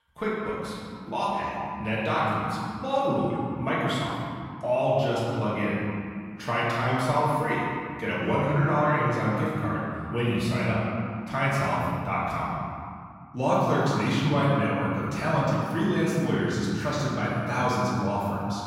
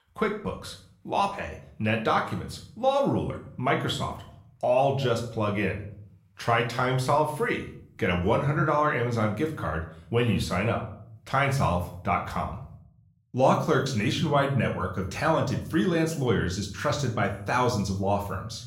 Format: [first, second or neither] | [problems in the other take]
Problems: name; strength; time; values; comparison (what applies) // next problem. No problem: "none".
second | room echo; strong; dies away in 2.2 s; slight in the second // off-mic speech; far; somewhat distant in the second